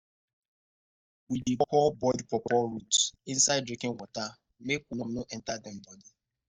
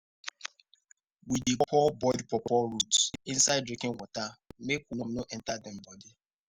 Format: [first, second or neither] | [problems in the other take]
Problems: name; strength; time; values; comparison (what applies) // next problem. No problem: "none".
second | noise reduction (neural mask model DeepFilterNet 3)